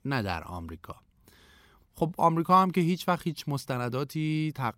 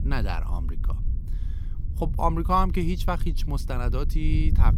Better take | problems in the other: first | wind noise on the microphone; occasional gusts; 20 dB below the speech

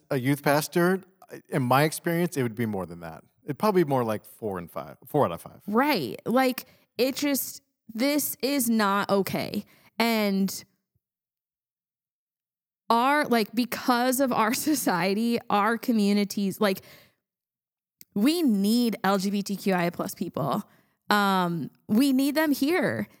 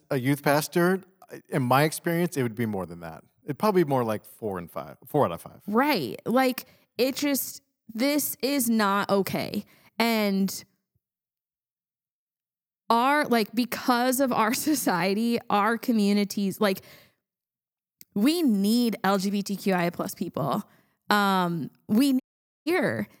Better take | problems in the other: first | audio cutting out; at 22 s

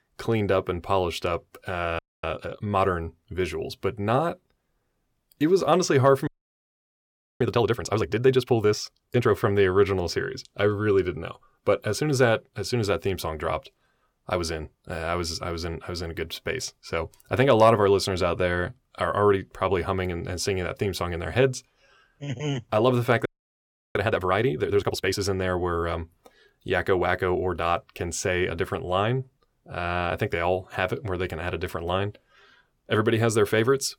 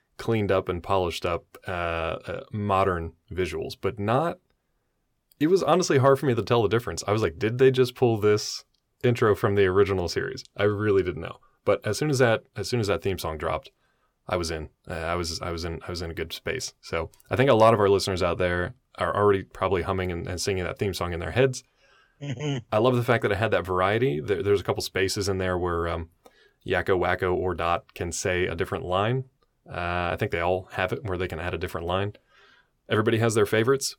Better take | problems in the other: second | audio freezing; at 2 s, at 6.5 s for 1 s and at 23 s for 0.5 s

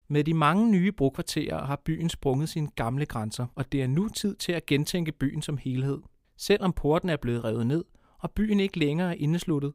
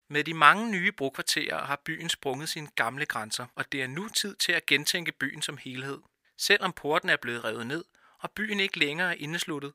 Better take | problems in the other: first | thin; very; fading below 1 kHz

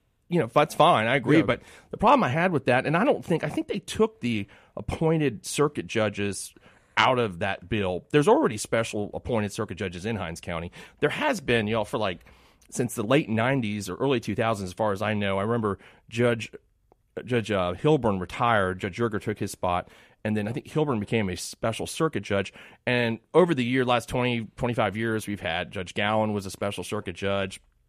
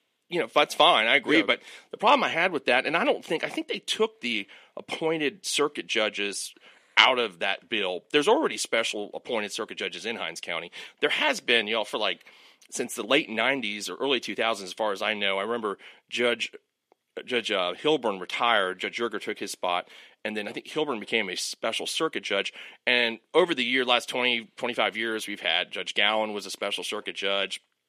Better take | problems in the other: first | thin; somewhat; fading below 250 Hz

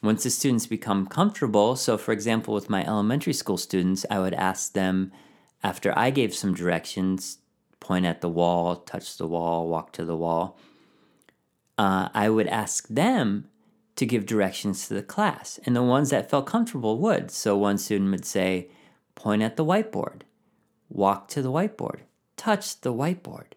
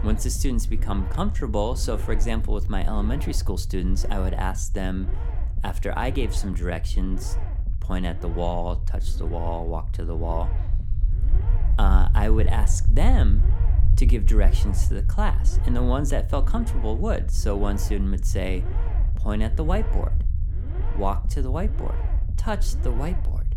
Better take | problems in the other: first | low rumble; noticeable; throughout; 10 dB below the speech

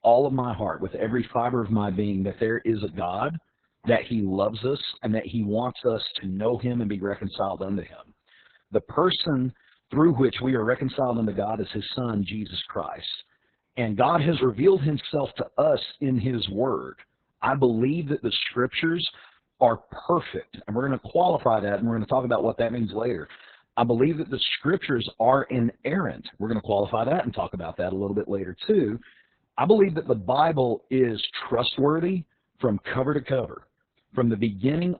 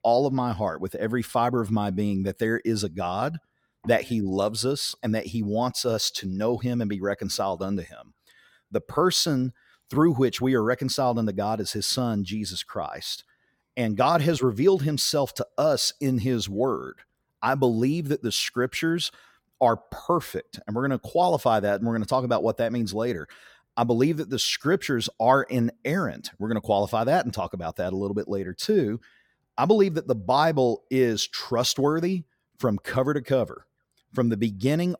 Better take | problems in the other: second | garbled, watery; badly; nothing above 4 kHz

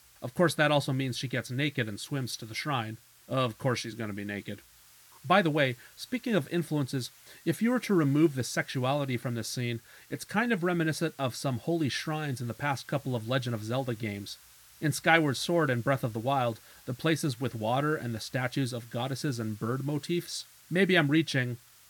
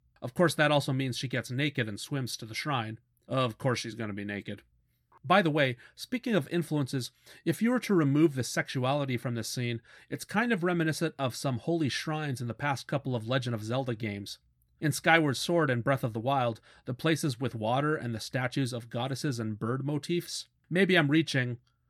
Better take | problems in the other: second | hiss; faint; throughout; 25 dB below the speech

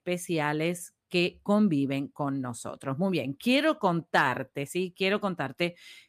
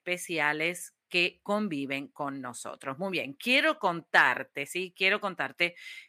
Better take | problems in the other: first | thin; somewhat; fading below 1 kHz

